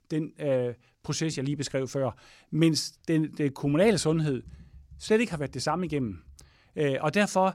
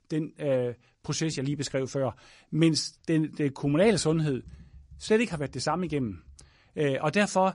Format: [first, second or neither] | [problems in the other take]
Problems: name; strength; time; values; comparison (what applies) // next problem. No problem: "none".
first | garbled, watery; slightly; nothing above 10.5 kHz